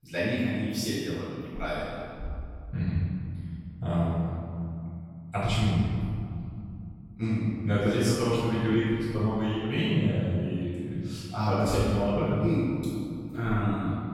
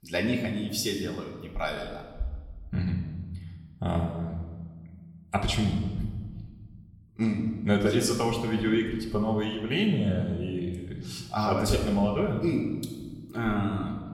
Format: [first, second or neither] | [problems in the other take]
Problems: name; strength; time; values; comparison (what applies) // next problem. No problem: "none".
second | room echo; strong; dies away in 2.4 s; slight in the second // off-mic speech; far; somewhat distant in the second